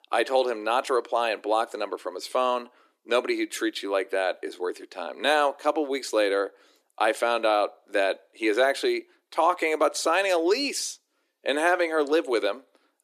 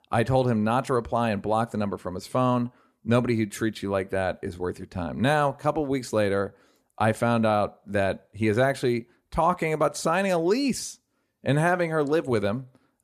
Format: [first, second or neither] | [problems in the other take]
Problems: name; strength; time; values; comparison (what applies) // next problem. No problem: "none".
second | thin; very; fading below 300 Hz